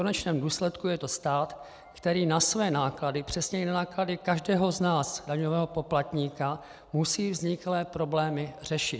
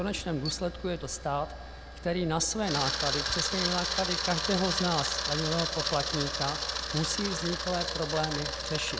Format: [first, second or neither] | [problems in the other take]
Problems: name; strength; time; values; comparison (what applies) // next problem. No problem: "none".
first | background sound (Camera); 1 dB below the speech